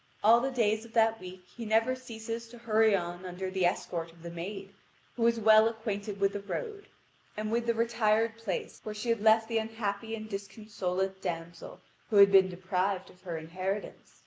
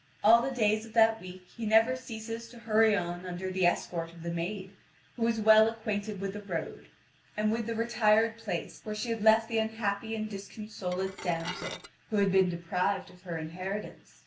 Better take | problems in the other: first | background sound (Dishes, pots, and pans / Glass); 12 dB below the speech // room echo; dies away in 0.2 s

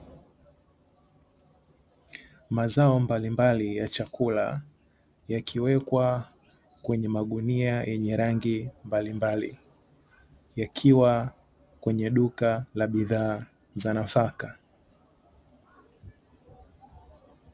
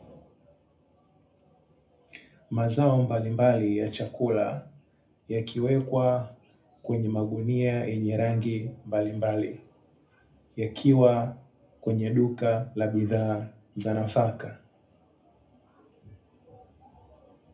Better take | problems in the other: first | room echo; dies away in 0.3 s

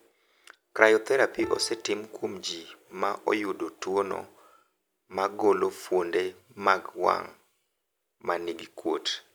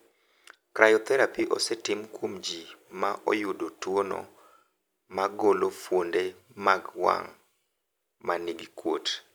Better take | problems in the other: second | background sound (Piano); 15 dB below the speech

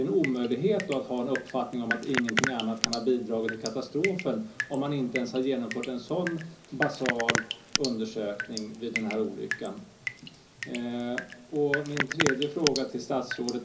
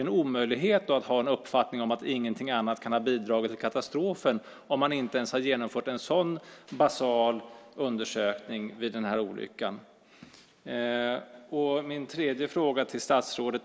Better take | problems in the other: second | background sound (Drip); 5 dB below the speech // room echo; dies away in 0.5 s

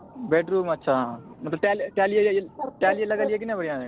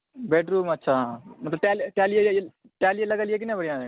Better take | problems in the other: second | background sound (Bird); 12 dB below the speech

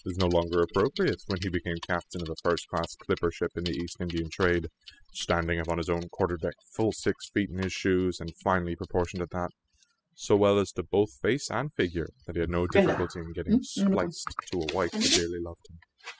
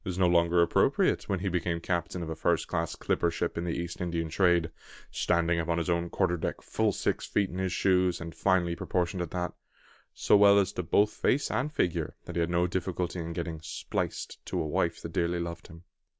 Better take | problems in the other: second | noise reduction (classical method spectral subtraction)

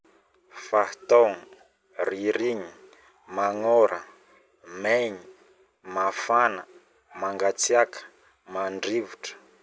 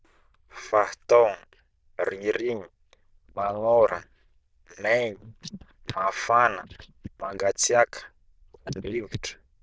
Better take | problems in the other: first | noise reduction (neural diffusion model UNIVERSE++)

